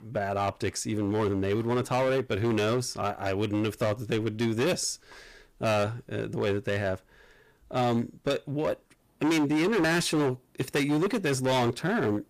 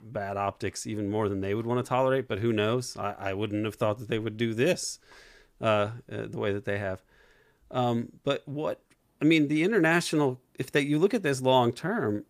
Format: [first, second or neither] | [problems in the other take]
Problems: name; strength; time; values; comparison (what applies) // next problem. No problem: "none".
second | distortion; heavy; 15% of the sound clipped